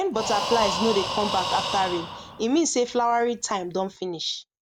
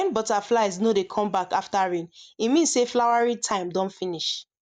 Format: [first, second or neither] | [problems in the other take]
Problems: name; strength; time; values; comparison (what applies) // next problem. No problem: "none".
second | background sound (Breathing); 5 dB below the speech